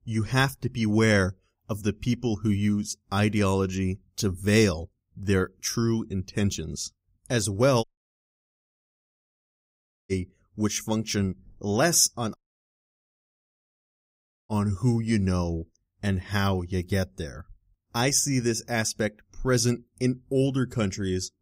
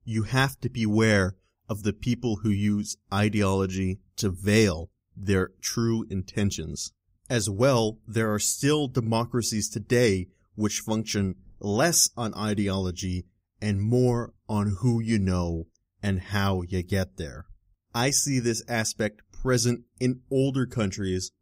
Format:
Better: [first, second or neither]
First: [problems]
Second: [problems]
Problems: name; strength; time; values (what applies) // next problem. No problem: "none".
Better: second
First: audio cutting out; at 8 s for 2.5 s and at 12 s for 2 s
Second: none